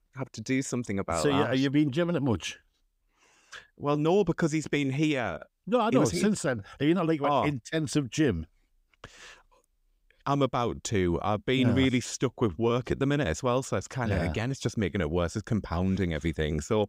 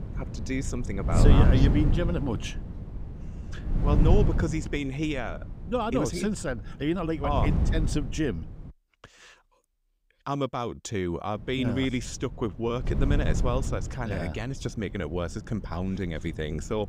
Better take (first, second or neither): first